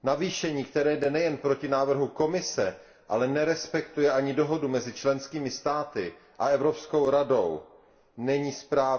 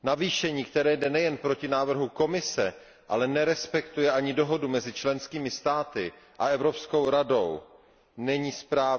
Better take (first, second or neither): second